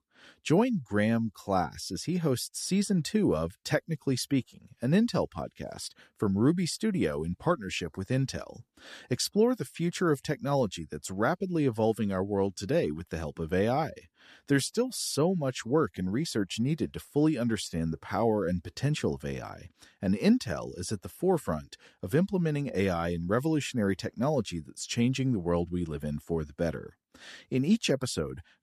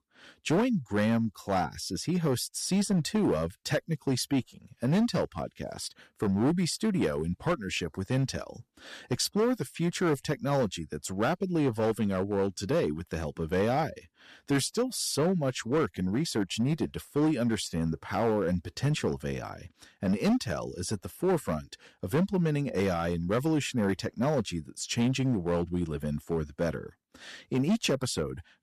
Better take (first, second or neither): first